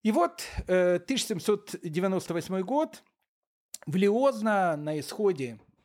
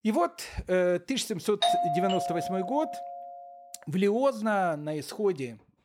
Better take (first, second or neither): first